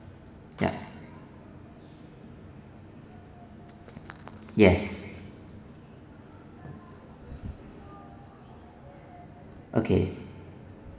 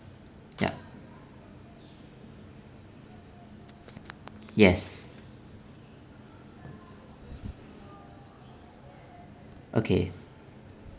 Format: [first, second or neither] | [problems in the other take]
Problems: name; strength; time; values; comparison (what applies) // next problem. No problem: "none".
second | room echo; dies away in 1.7 s